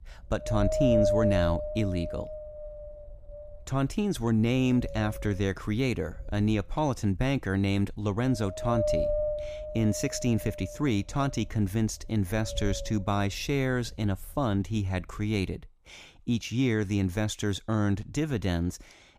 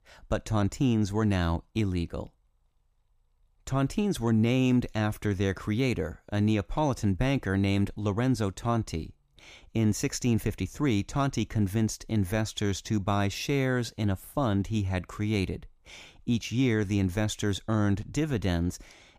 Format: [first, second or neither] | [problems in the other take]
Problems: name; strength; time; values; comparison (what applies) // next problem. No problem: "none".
second | wind noise on the microphone; heavy; until 16 s; 1 dB above the speech